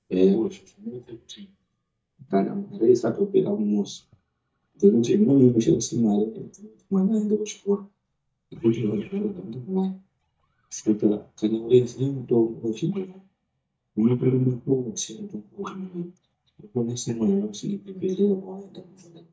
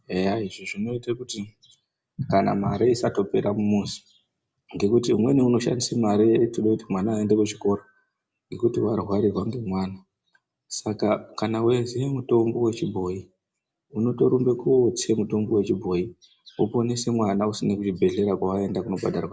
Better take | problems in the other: second | noise reduction (neural mask model DeepFilterNet 3)

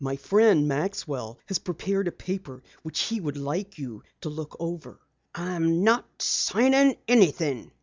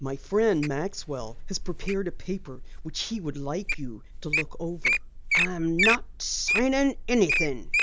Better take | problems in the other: first | background sound (Wild animals); 1 dB below the speech

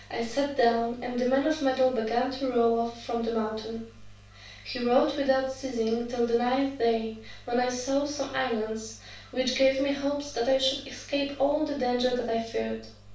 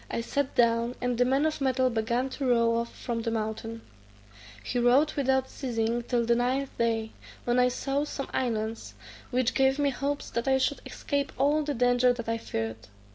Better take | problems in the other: second | room echo; dies away in 0.4 s

